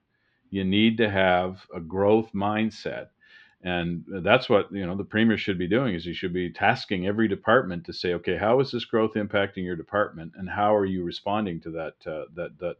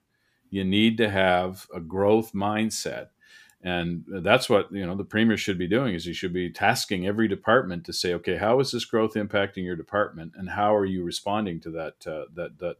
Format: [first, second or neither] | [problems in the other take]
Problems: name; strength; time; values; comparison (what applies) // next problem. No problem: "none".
second | muffled; slightly; fading above 4 kHz